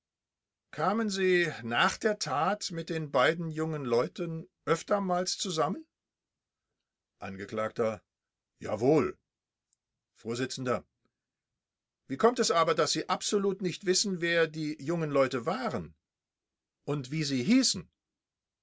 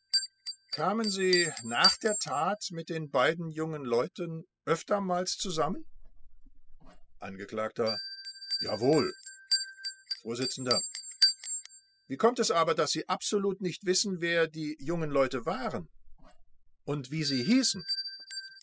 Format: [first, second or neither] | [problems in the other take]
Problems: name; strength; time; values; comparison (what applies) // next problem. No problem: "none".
first | noise reduction (classical method spectral subtraction)